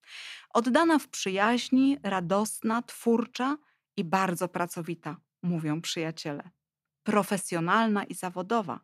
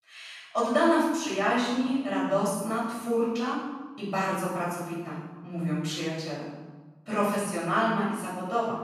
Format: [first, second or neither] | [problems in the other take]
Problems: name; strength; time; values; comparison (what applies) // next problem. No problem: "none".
first | off-mic speech; far // room echo; strong; dies away in 1 s